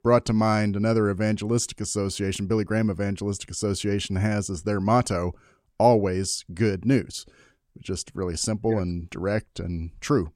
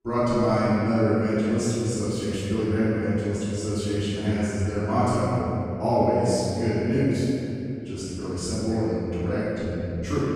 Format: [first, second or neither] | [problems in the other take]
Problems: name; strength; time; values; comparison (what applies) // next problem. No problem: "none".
first | room echo; strong; dies away in 2.9 s // off-mic speech; far